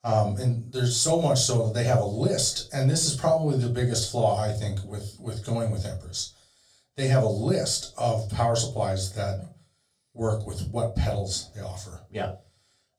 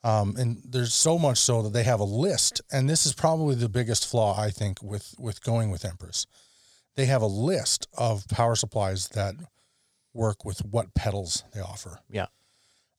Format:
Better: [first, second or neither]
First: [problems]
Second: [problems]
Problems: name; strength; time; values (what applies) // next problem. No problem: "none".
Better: second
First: off-mic speech; far // room echo; very slight; dies away in 0.3 s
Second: none